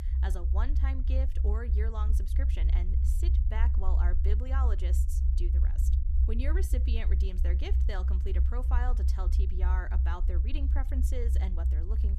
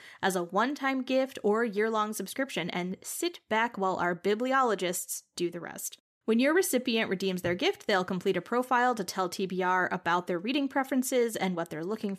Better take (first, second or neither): second